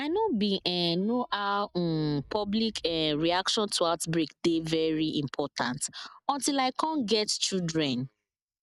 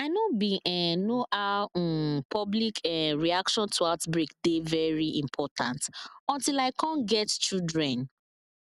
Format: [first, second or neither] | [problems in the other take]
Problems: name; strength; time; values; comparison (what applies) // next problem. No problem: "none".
second | noise reduction (neural mask model DeepFilterNet 3)